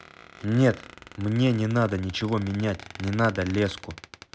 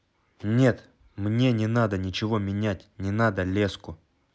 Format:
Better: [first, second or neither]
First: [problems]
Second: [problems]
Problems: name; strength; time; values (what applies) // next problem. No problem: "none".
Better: second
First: background sound (Squeak); 19 dB below the speech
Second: none